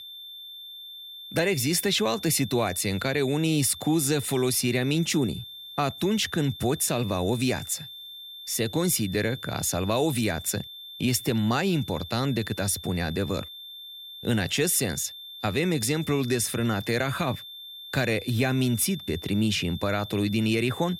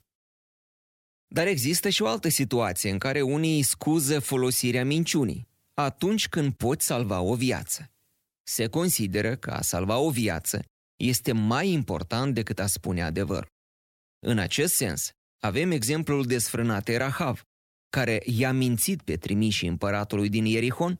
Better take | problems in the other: second | high-pitched whine; noticeable; throughout; 3.5 kHz, 15 dB below the speech

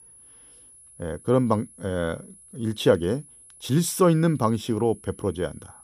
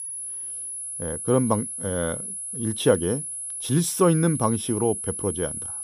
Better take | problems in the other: first | high-pitched whine; loud; throughout; 10.5 kHz, 5 dB below the speech; faint in the first

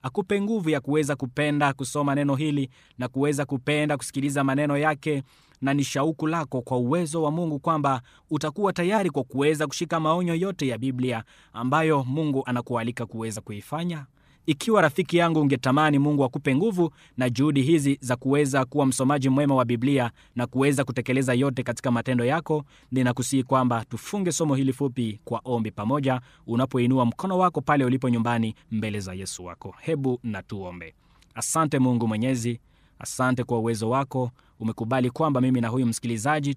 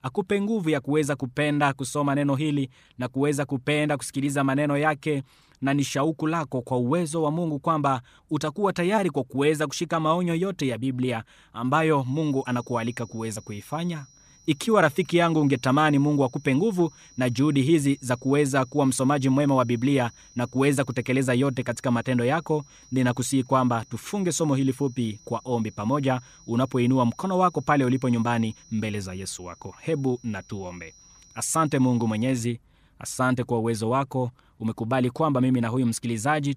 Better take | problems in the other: first | high-pitched whine; faint; from 12 to 32 s; 6 kHz, 25 dB below the speech

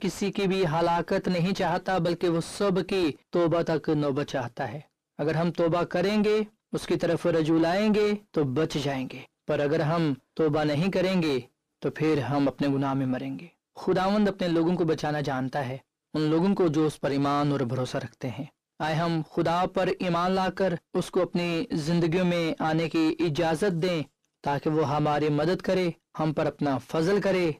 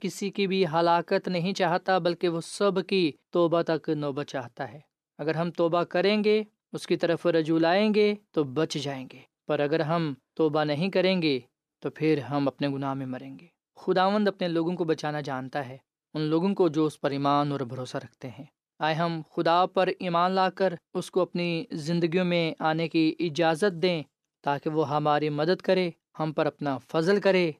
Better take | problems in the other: second | distortion; heavy; 6 dB below the speech

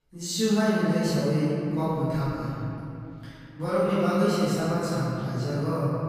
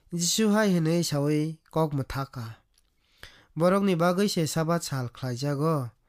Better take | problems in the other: second | off-mic speech; far // room echo; strong; dies away in 3 s

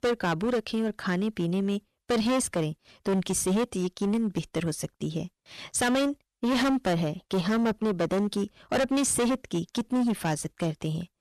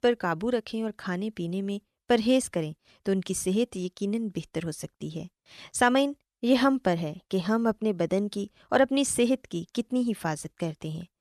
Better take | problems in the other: second | distortion; heavy; 16% of the sound clipped

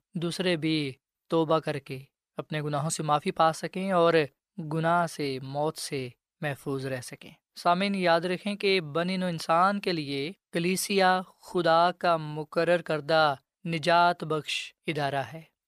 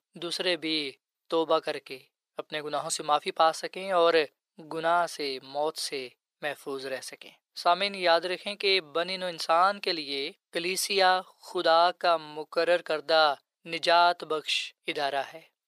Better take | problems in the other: first | thin; somewhat; fading below 450 Hz

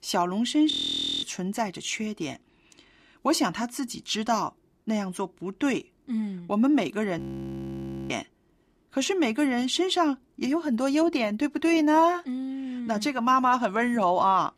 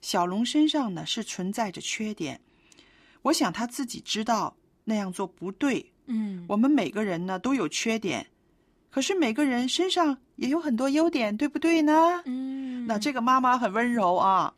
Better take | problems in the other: second | audio freezing; at 0.5 s for 0.5 s and at 7 s for 1 s

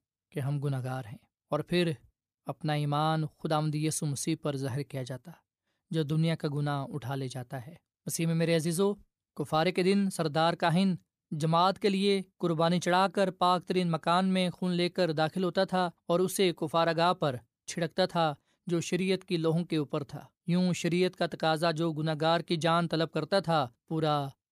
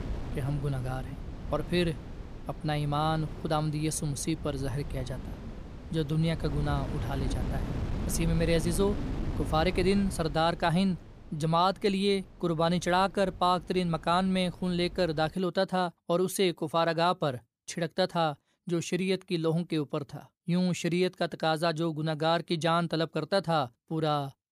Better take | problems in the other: first | wind noise on the microphone; occasional gusts; until 15 s; 15 dB below the speech

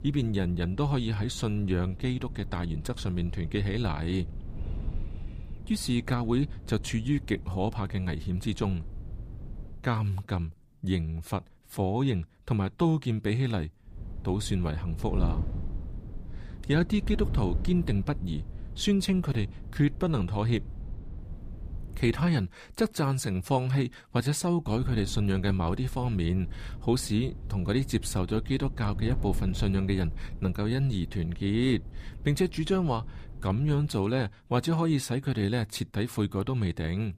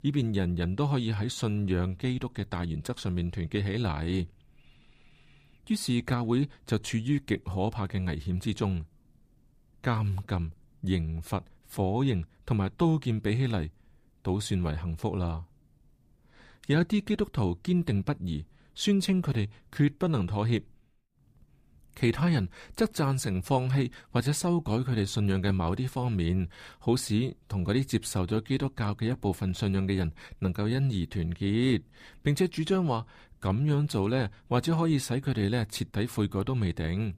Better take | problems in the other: second | wind noise on the microphone; occasional gusts; until 10 s, from 14 to 22 s and from 25 to 34 s; 20 dB below the speech

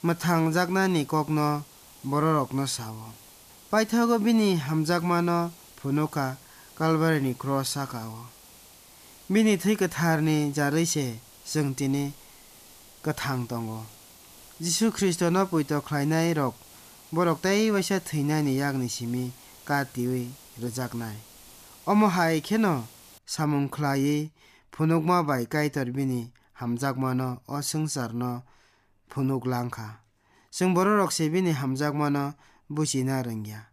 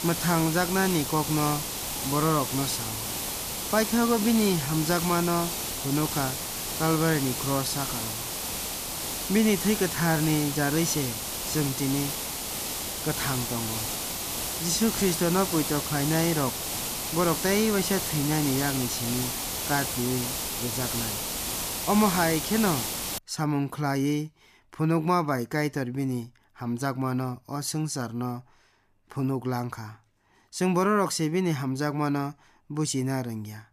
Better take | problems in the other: first | hiss; loud; until 23 s; 2 dB below the speech; faint in the first

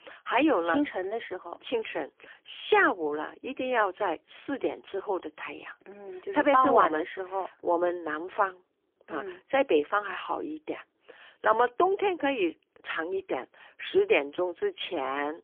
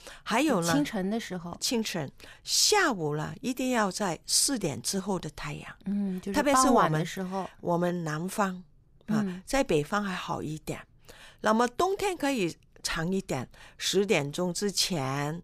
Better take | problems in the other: second | phone-call audio; poor line; nothing above 3.5 kHz

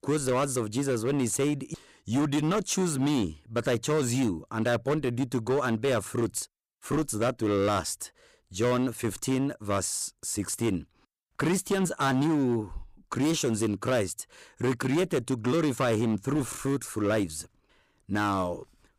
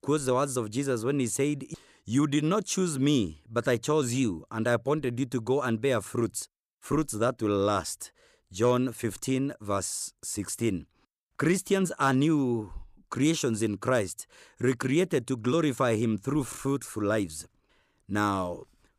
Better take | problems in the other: second | distortion; slight; 13% of the sound clipped

